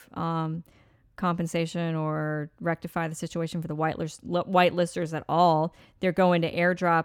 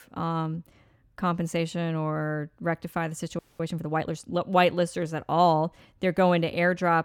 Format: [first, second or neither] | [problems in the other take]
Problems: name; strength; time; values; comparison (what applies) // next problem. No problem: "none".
first | audio freezing; at 3.5 s